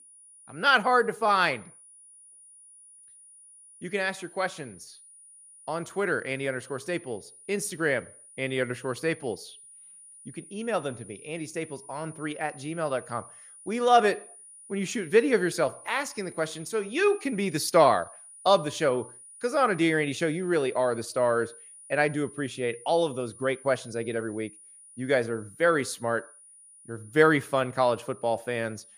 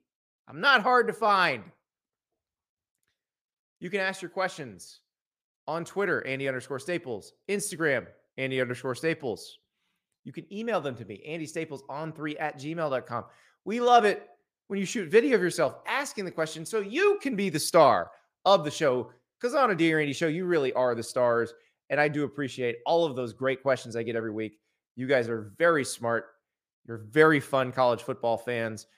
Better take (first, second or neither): second